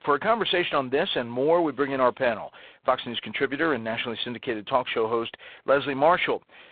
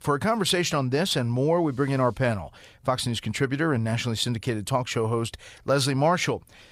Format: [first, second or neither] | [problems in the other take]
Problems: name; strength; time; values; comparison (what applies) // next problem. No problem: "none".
second | phone-call audio; poor line; nothing above 3.5 kHz